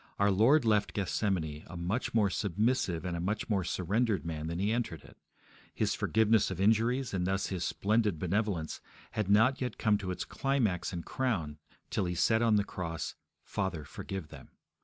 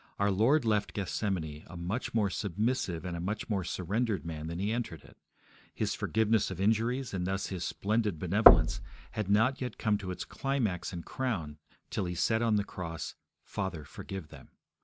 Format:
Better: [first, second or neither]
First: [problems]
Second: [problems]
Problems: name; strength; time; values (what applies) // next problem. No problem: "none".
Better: first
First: none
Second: background sound (Knock / Wood); 3 dB above the speech